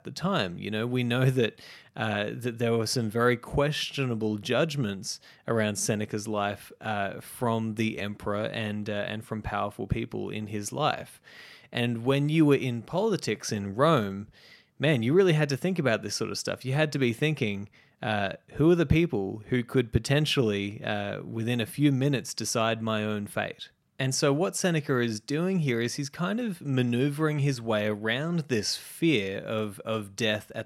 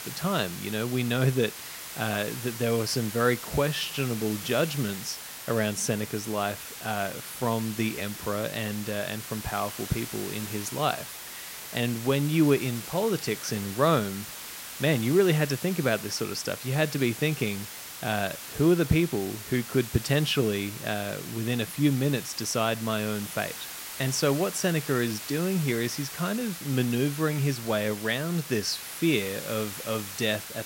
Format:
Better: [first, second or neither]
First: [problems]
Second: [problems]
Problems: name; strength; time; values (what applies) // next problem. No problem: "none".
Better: first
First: none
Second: hiss; loud; throughout; 9 dB below the speech